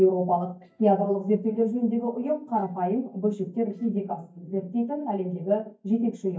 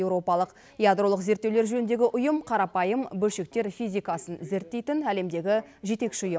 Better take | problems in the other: second | noise reduction (neural mask model DeepFilterNet 3)

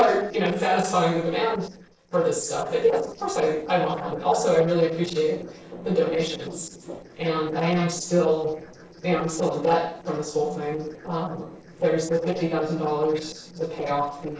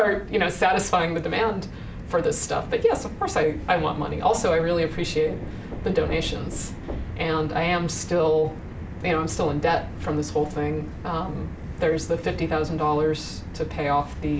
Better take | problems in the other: second | noise reduction (neural separator model SepFormer DNS4)

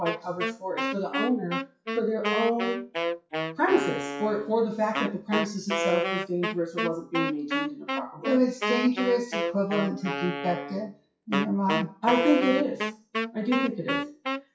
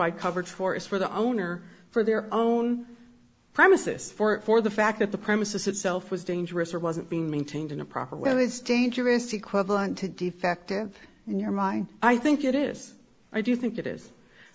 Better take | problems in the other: second | noise reduction (classical method WPE with log-MMSE)

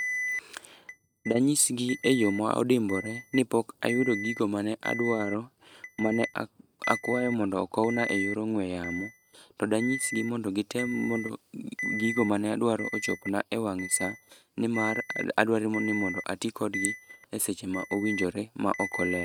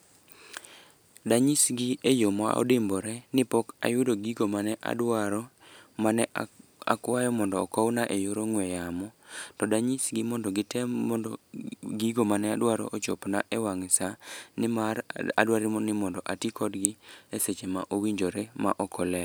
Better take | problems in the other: second | noise reduction (neural mask model RNNoise)

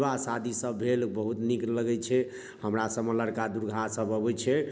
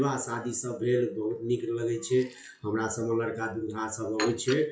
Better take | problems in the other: first | noise reduction (classical method WPE with log-MMSE)

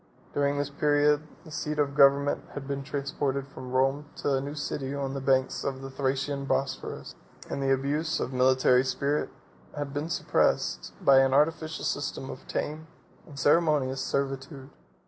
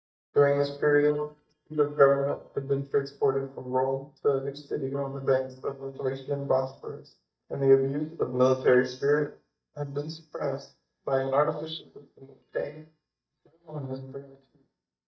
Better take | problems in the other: first | noise reduction (neural mask model DeepFilterNet 3)

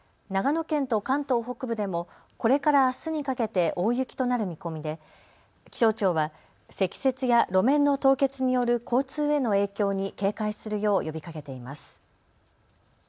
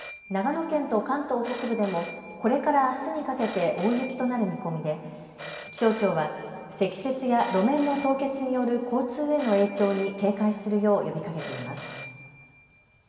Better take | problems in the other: first | background sound (Telephone); 17 dB below the speech // room echo; dies away in 2.2 s

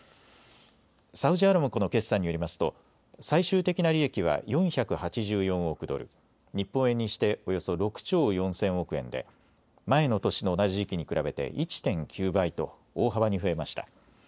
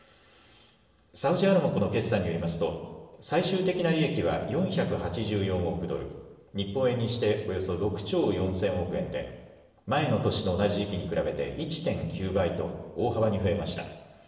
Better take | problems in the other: first | room echo; dies away in 1.1 s

